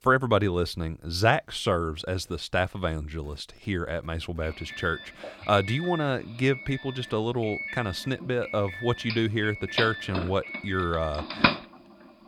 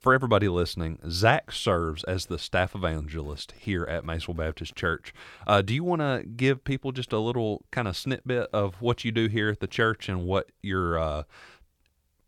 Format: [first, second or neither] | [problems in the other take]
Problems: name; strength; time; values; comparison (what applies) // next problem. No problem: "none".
second | doorbell; loud; from 9 to 12 s; peak 5 dB above the speech